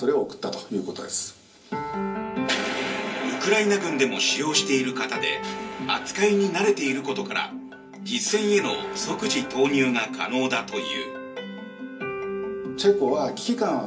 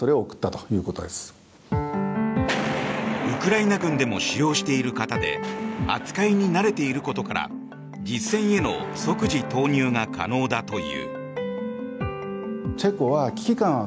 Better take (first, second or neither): second